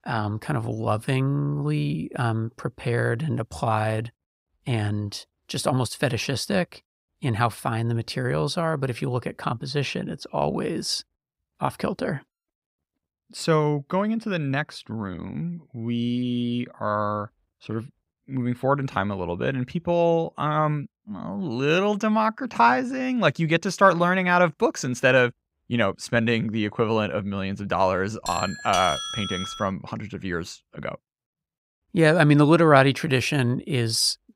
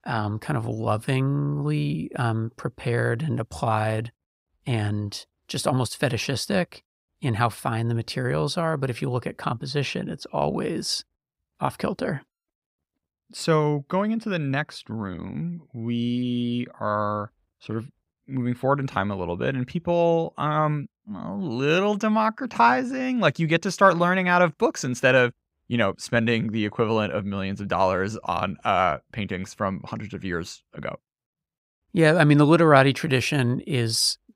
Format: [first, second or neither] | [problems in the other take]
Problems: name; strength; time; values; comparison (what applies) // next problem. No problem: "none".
second | doorbell; noticeable; from 28 to 30 s; peak 4 dB below the speech